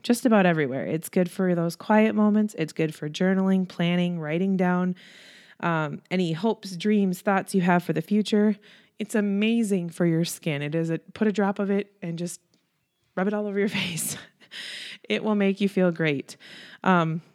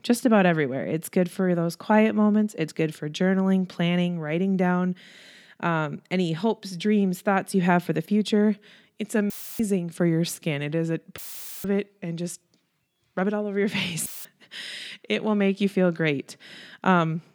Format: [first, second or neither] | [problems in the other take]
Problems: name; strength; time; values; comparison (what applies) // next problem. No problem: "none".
first | audio cutting out; filled with static; at 9.5 s, at 11 s and at 14 s